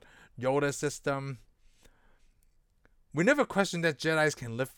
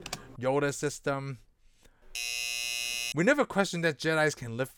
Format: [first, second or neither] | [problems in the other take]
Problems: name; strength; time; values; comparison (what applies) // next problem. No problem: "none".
first | keyboard typing; faint; at the start; peak 10 dB below the speech // doorbell; noticeable; from 2 to 3 s; peak 1 dB below the speech